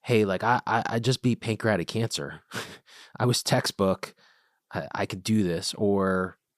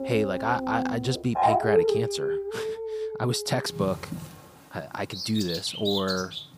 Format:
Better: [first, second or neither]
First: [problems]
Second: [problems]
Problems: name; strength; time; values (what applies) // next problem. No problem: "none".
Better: first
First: none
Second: animal sounds; very loud; throughout; as loud as the speech